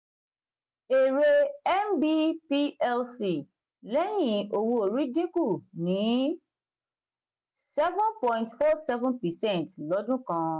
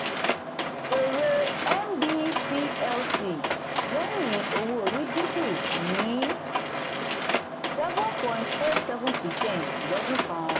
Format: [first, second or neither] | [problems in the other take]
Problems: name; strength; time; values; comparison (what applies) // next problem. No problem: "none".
first | background sound (Mechanisms); 1 dB above the speech